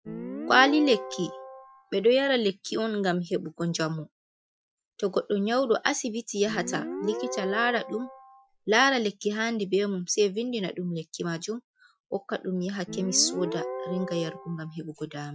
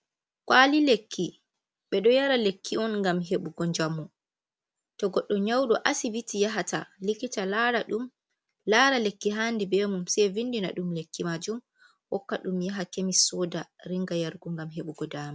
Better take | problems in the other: second | noise reduction (classical method Wiener filter)

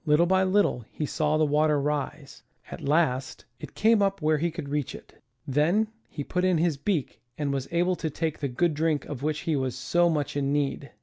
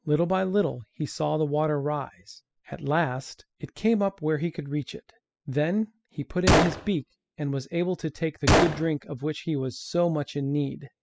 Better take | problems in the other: first | noise reduction (classical method spectral subtraction)

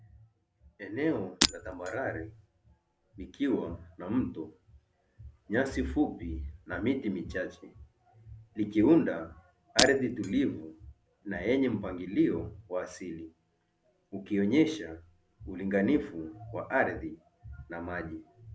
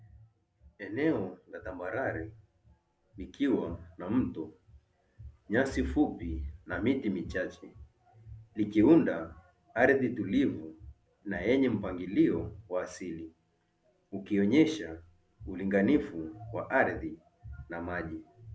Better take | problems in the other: second | background sound (Shatter); 1 dB below the speech

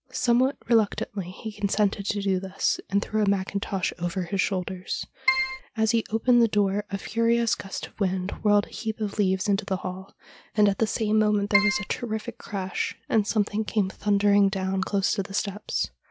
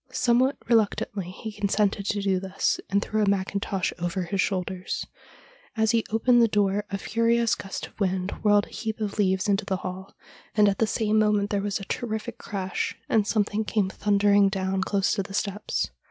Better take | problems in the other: second | background sound (Keyboard (musical)); as loud as the speech

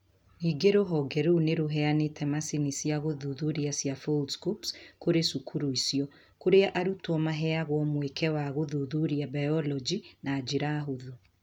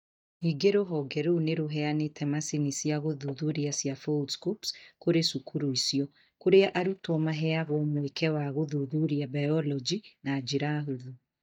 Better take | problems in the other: first | noise reduction (neural mask model DeepFilterNet 3)

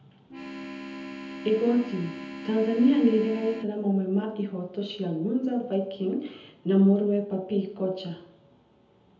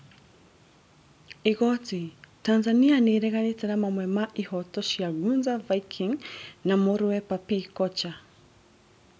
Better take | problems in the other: second | background sound (Organ); 11 dB below the speech // room echo; dies away in 0.7 s

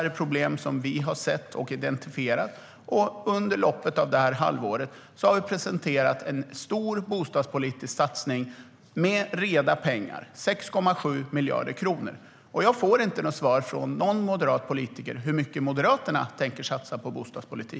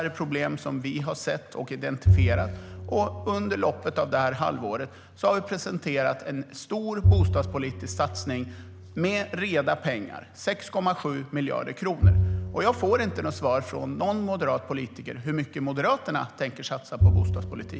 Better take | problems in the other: first | background sound (Bowed string instrument); 1 dB below the speech

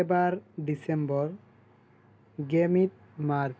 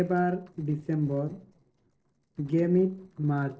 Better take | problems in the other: first | noise reduction (neural separator model SepFormer DNS4)

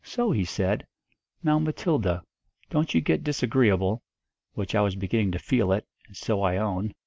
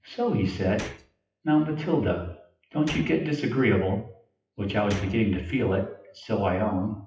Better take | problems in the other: first | noise reduction (classical method WPE with log-MMSE)

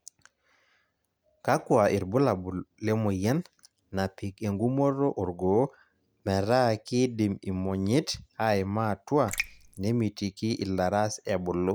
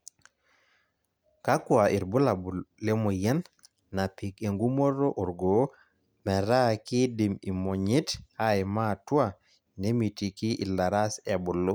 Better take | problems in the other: second | background sound (Raindrop); 8 dB below the speech

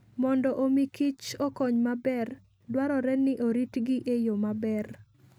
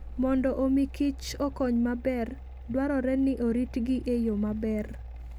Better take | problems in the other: first | background sound (Mechanical fan); 12 dB below the speech

